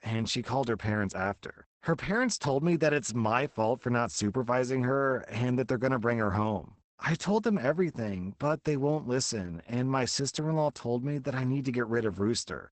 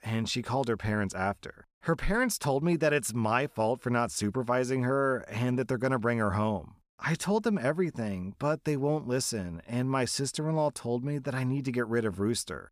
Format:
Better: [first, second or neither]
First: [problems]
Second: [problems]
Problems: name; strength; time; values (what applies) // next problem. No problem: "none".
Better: second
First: garbled, watery; badly; nothing above 8 kHz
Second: none